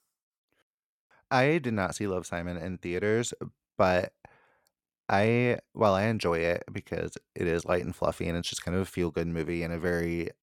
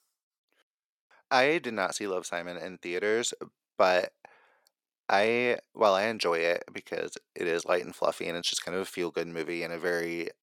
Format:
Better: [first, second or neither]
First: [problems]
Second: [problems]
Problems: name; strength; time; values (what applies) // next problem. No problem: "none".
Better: first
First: none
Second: thin; somewhat; fading below 350 Hz